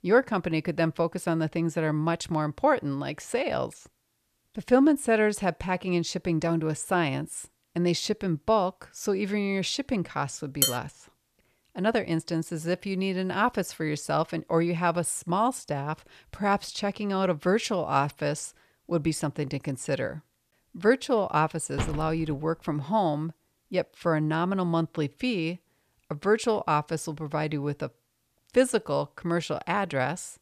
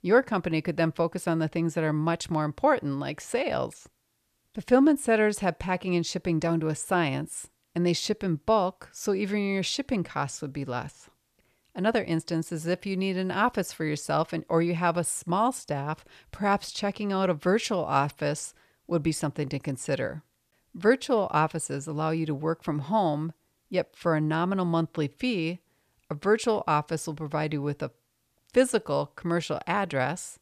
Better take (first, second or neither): second